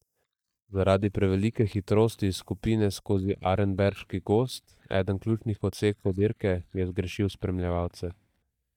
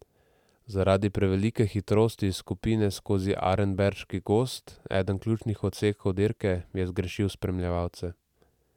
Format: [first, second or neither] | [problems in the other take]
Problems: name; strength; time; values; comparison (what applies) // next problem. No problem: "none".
second | noise reduction (neural mask model DeepFilterNet 3)